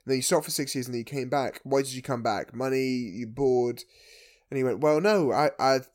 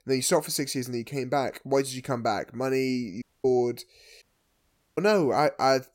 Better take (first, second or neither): first